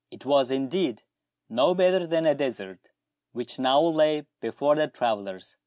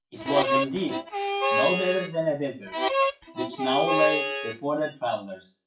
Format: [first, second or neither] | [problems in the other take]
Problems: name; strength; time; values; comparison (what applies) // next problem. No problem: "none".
first | noise reduction (classical method WPE with log-MMSE)